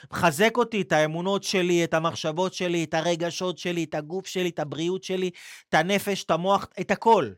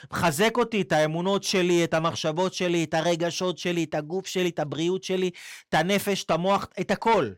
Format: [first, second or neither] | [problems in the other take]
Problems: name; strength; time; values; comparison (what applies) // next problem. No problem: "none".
first | distortion; slight; 10 dB below the speech